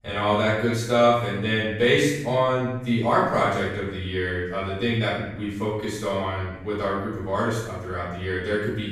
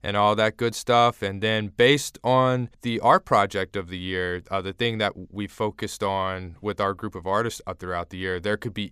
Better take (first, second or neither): second